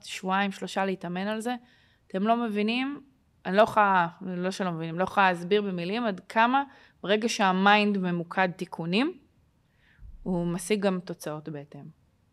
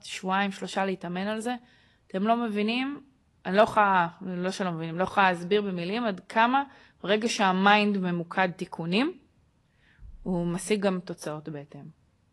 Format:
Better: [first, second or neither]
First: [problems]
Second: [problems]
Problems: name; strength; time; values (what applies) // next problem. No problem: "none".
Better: first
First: none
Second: garbled, watery; slightly; nothing above 11 kHz